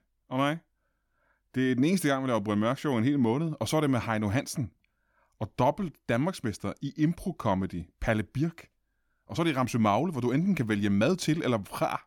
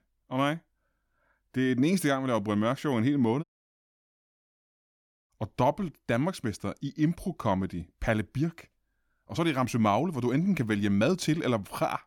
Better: first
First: none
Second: audio cutting out; at 3.5 s for 2 s

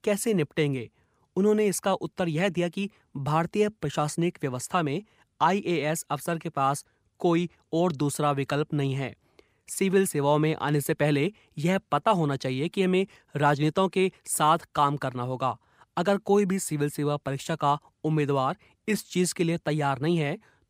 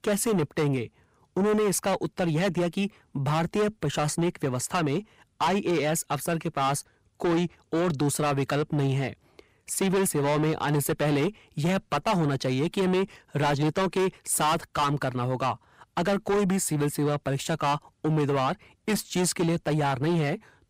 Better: first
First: none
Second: distortion; heavy; 7 dB below the speech

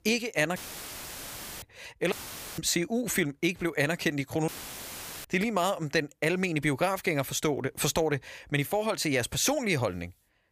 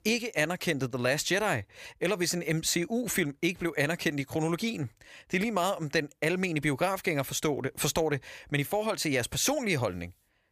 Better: second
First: audio cutting out; filled with static; at 0.5 s for 1 s, at 2 s and at 4.5 s for 1 s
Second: none

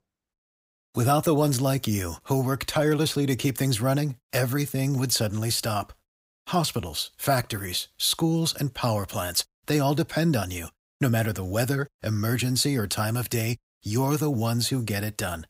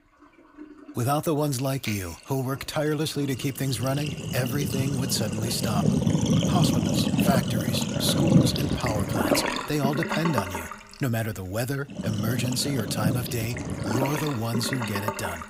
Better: first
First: none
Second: household noises; very loud; throughout; 1 dB above the speech

